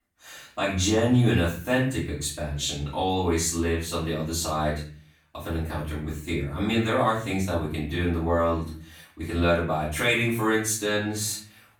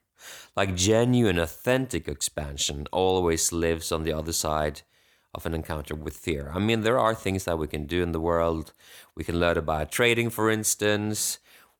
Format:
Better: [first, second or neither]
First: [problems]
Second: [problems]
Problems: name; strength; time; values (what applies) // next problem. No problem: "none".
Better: second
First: off-mic speech; far // room echo; noticeable; dies away in 0.5 s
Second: none